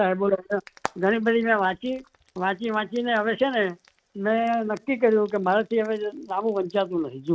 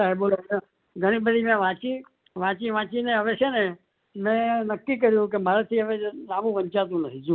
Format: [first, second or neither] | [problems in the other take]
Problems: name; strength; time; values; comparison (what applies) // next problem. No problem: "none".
second | noise reduction (neural mask model RNNoise)